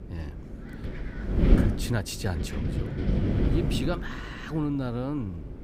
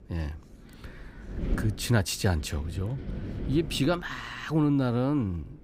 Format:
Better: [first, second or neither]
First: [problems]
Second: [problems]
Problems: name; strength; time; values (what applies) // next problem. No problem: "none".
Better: second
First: wind noise on the microphone; heavy; 1 dB below the speech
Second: wind noise on the microphone; occasional gusts; 15 dB below the speech